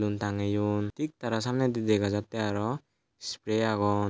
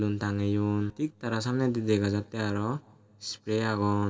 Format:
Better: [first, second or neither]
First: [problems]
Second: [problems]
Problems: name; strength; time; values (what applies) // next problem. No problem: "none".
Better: first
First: none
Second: room echo; dies away in 1.5 s